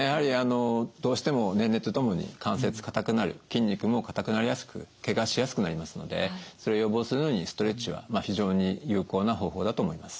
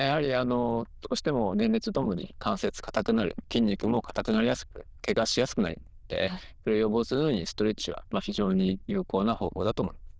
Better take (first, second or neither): first